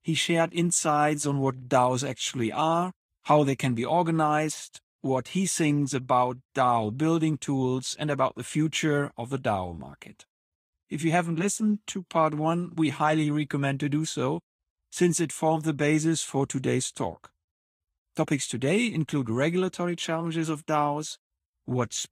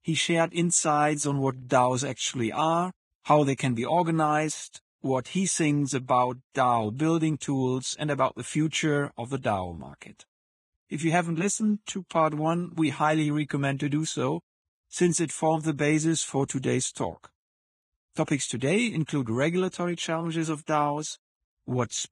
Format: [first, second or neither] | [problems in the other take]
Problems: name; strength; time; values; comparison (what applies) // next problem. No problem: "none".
first | garbled, watery; badly; slightly in the first